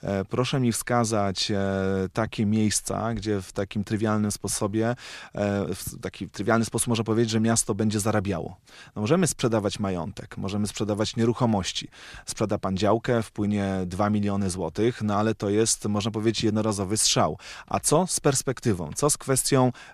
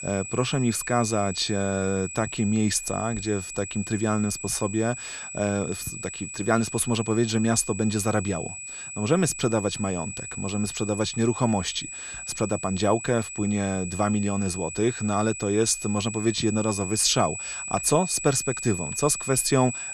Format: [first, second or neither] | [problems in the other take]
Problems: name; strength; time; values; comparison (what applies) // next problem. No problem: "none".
first | high-pitched whine; loud; throughout; 8 kHz, 8 dB below the speech